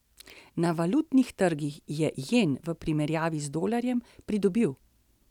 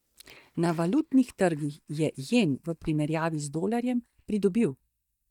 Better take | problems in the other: first | noise reduction (neural mask model DeepFilterNet 3)

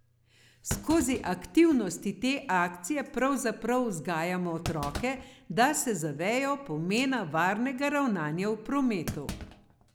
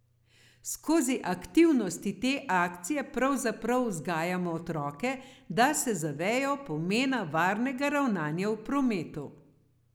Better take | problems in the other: second | background sound (Thump, thud); 15 dB below the speech

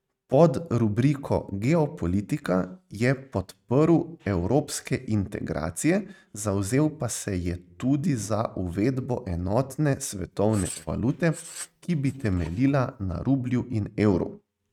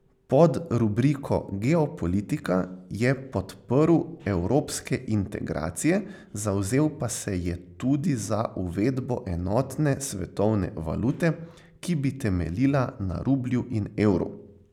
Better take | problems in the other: second | noise reduction (neural mask model RNNoise)

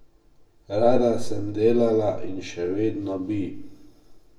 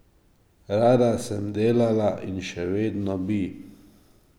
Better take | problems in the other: second | room echo; dies away in 0.2 s

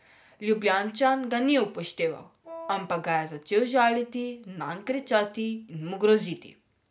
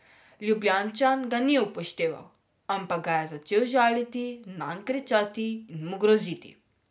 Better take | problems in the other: second | background sound (Wind instrument, woodwind instrument); 15 dB below the speech

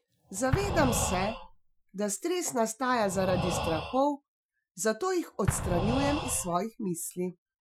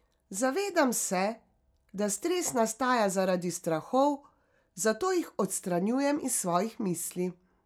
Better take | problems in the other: second | noise reduction (classical method Wiener filter)

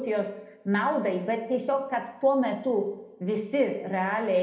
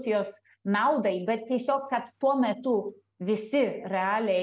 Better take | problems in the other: second | room echo; dies away in 0.7 s

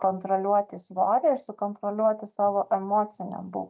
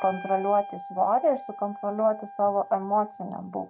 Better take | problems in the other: first | background sound (Wind instrument, woodwind instrument); 15 dB below the speech

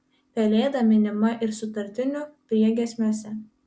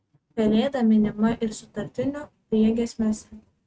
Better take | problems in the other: first | noise reduction (neural mask model RNNoise)

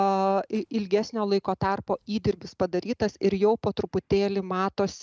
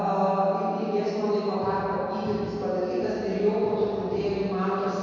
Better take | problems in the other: first | background sound (Keyboard (musical)); 17 dB below the speech // room echo; dies away in 2.2 s

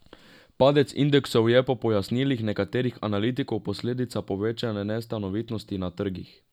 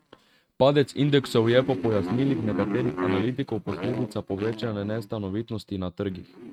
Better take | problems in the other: first | noise reduction (neural mask model RNNoise)

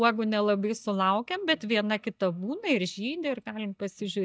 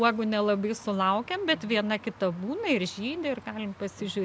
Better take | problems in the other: second | noise reduction (neural mask model DeepFilterNet 3)

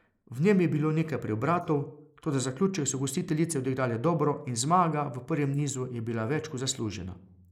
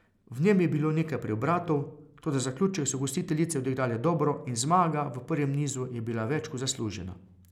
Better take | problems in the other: second | noise reduction (neural mask model Resemble Enhance denoiser)

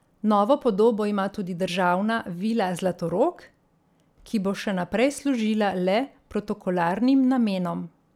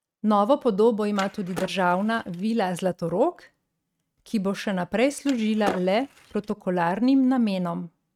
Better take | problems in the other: first | noise reduction (neural mask model RNNoise)

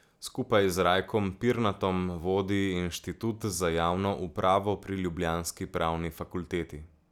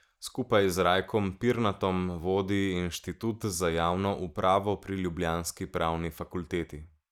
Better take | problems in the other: first | noise reduction (neural mask model Resemble Enhance denoiser)

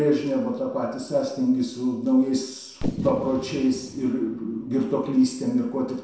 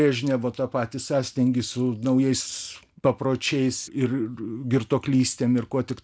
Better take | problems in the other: second | background sound (Fireworks); 13 dB below the speech // room echo; dies away in 0.7 s

